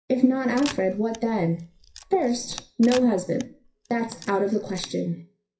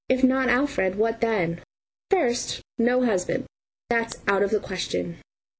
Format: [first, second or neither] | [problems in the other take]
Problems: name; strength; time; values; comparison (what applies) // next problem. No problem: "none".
second | noise reduction (classical method WPE with log-MMSE)